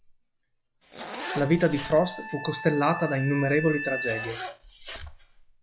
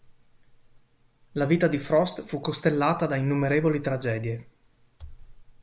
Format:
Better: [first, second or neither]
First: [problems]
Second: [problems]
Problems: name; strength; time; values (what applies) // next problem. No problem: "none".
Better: second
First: noise reduction (classical method log-MMSE)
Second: none